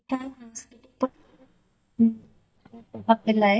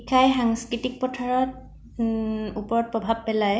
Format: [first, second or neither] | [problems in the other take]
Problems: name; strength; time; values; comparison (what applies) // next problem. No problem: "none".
second | noise reduction (neural mask model DeepFilterNet 3)